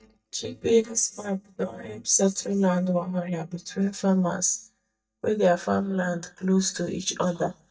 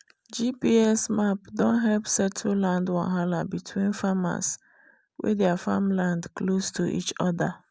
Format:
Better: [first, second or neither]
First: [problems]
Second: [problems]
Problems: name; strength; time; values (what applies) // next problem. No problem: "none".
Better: second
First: noise reduction (neural mask model DeepFilterNet 3)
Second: none